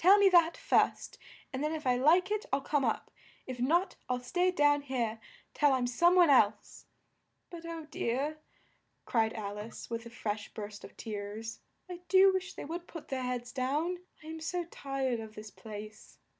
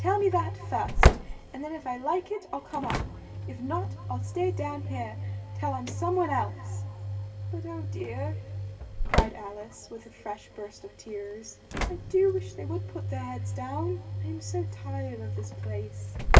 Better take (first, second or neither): first